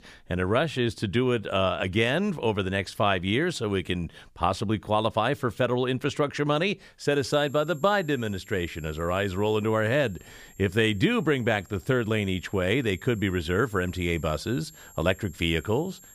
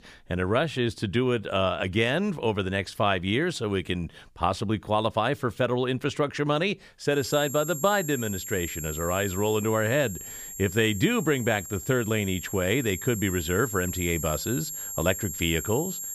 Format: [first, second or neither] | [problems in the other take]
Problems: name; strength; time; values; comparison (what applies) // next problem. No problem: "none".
first | high-pitched whine; loud; from 7 s on; 7.5 kHz, 8 dB below the speech; faint in the first